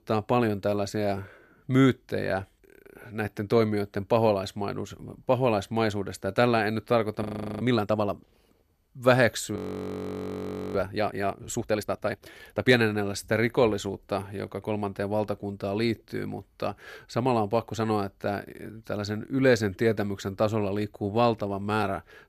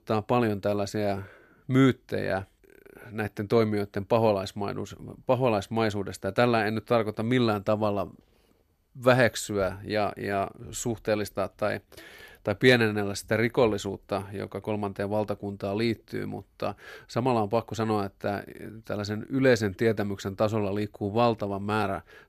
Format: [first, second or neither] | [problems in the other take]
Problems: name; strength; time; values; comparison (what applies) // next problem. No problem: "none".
second | audio freezing; at 7 s and at 9.5 s for 1 s